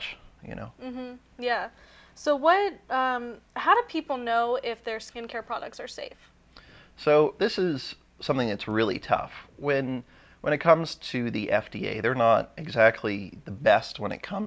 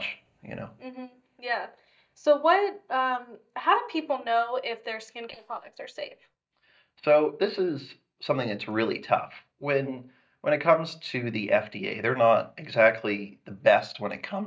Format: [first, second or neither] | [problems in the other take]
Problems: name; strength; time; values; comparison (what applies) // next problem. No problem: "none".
first | noise reduction (neural mask model DeepFilterNet 3)